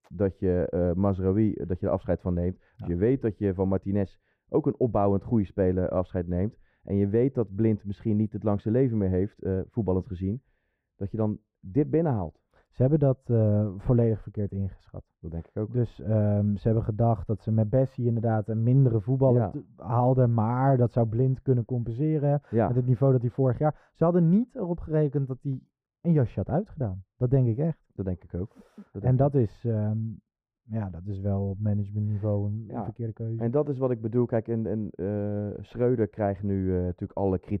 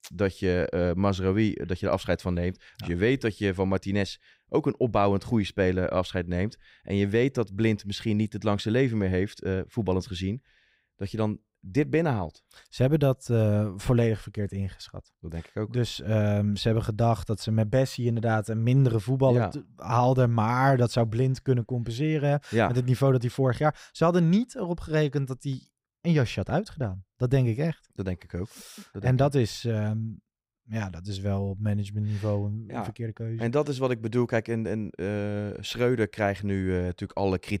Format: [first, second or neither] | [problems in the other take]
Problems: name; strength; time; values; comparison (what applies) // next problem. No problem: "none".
second | muffled; very; fading above 2 kHz